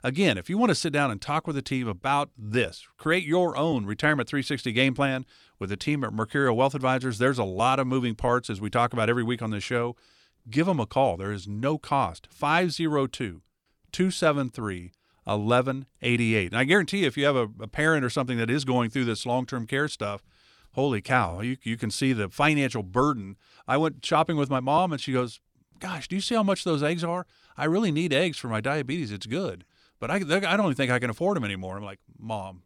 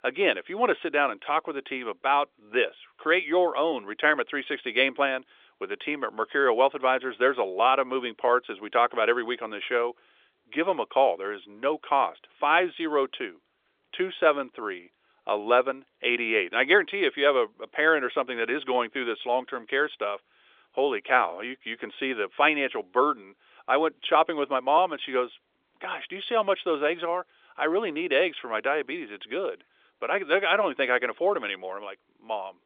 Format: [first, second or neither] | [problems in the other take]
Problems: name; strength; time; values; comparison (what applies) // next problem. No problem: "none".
first | phone-call audio; nothing above 3.5 kHz